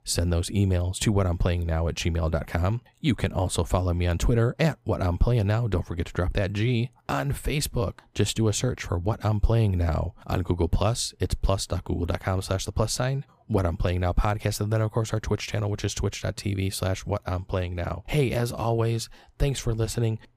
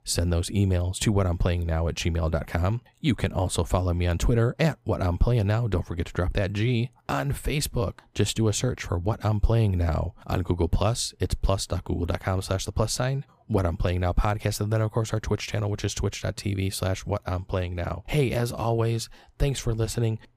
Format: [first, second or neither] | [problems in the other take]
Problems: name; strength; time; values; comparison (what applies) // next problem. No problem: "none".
neither | none